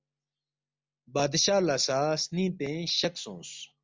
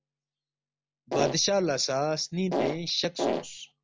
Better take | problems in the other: first | background sound (Fart); 1 dB above the speech

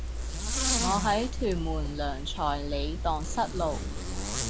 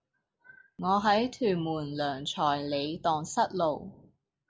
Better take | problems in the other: second | background sound (Zipper (clothing)); 1 dB above the speech

